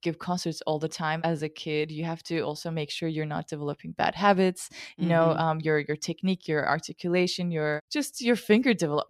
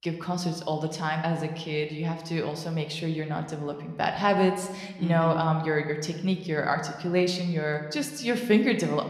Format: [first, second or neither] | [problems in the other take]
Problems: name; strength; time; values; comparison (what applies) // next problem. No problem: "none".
first | room echo; slight; dies away in 1.1 s